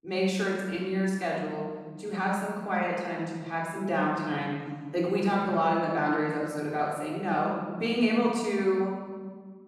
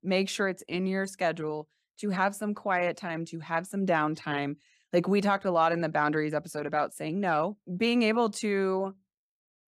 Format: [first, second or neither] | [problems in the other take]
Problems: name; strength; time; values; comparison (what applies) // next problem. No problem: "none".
second | off-mic speech; far // room echo; noticeable; dies away in 1.5 s